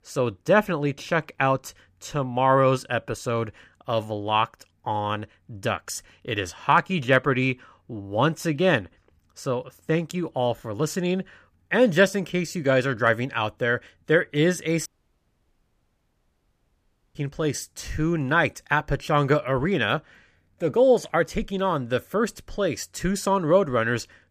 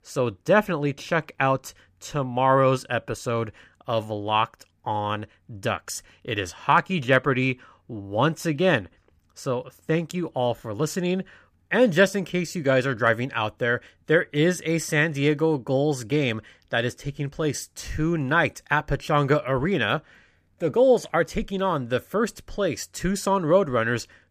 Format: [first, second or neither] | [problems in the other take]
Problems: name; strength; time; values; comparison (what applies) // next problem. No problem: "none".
second | audio cutting out; at 15 s for 2.5 s